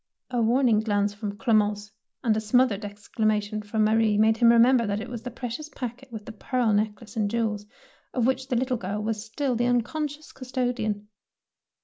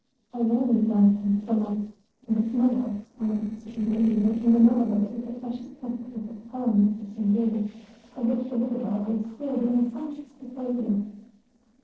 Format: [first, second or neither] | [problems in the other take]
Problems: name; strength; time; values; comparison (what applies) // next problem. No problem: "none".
first | noise reduction (neural separator model SepFormer DNS4)